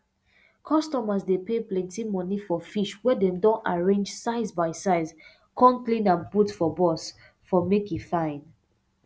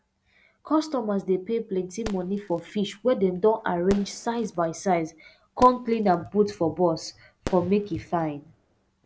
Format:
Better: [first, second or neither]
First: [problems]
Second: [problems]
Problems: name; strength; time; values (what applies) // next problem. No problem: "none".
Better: first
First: none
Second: background sound (Fireworks); 17 dB below the speech